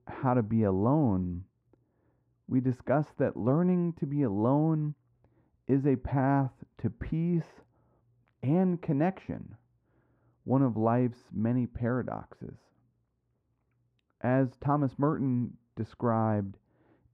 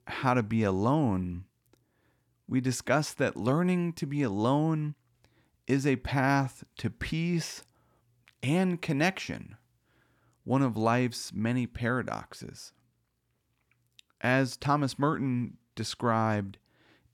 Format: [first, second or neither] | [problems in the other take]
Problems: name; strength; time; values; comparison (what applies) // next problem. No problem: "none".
second | muffled; very; fading above 2.5 kHz